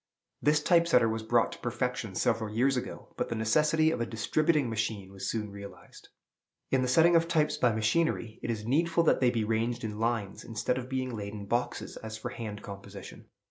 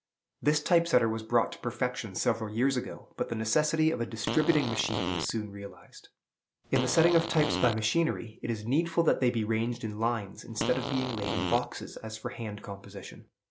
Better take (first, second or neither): first